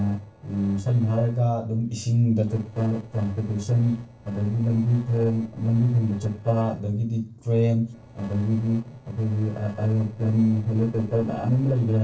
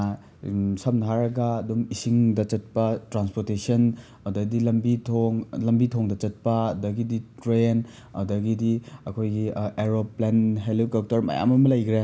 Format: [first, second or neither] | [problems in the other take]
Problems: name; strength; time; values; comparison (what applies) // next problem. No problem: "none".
second | noise reduction (neural separator model SepFormer DNS4)